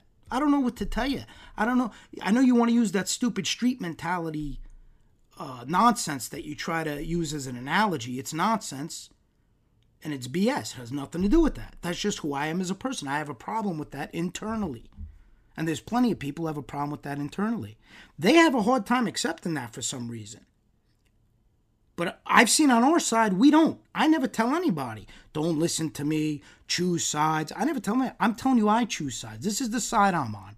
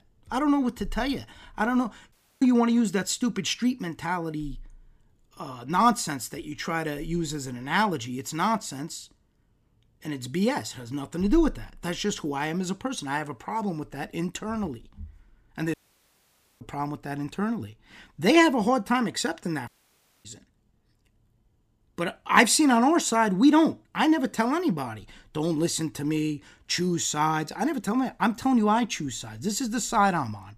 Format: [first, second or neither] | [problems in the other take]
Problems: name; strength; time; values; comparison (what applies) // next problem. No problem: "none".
first | audio cutting out; at 2 s, at 16 s for 1 s and at 20 s for 0.5 s